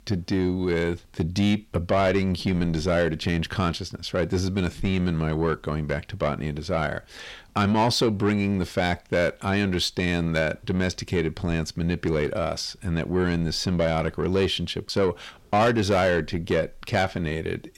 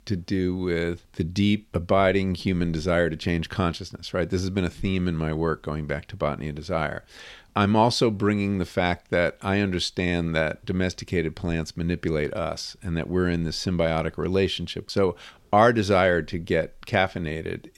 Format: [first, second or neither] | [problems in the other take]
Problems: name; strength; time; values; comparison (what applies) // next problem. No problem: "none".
second | distortion; slight; 10 dB below the speech